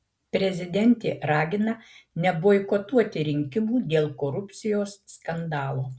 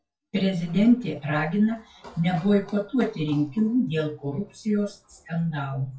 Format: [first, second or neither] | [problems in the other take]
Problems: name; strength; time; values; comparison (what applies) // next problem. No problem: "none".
first | noise reduction (classical method WPE with log-MMSE)